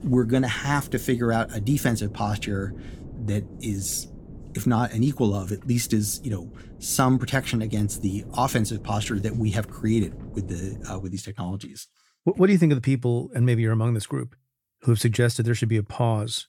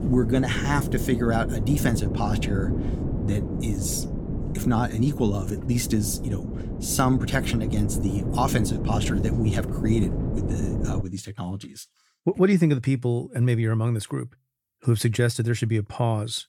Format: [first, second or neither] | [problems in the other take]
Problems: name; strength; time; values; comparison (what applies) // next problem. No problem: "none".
first | wind noise on the microphone; heavy; until 11 s; 7 dB below the speech; occasional gusts in the first